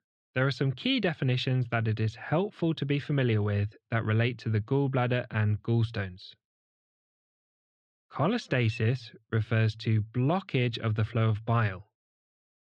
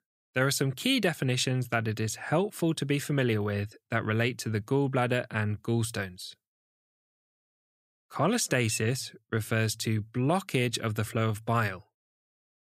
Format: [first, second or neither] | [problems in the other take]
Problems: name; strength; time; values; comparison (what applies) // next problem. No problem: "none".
second | muffled; slightly; fading above 3.5 kHz